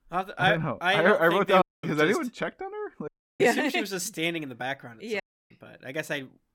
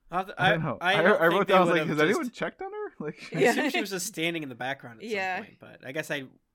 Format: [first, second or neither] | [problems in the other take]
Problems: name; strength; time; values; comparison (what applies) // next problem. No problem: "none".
second | audio cutting out; at 1.5 s, at 3 s and at 5 s